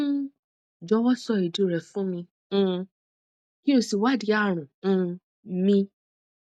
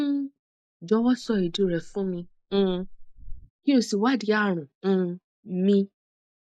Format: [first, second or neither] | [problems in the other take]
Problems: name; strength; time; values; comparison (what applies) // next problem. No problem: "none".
first | noise reduction (neural mask model Resemble Enhance denoiser)